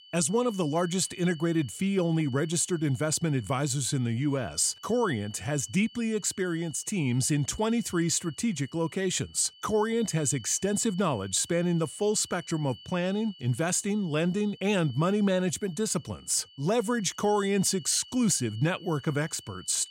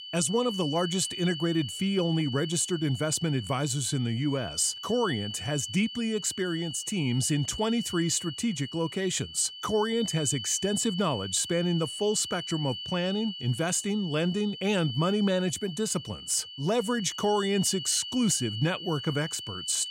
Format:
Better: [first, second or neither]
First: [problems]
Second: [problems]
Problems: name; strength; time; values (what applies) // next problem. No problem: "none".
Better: first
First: high-pitched whine; faint; throughout; 3 kHz, 20 dB below the speech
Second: high-pitched whine; loud; throughout; 3 kHz, 9 dB below the speech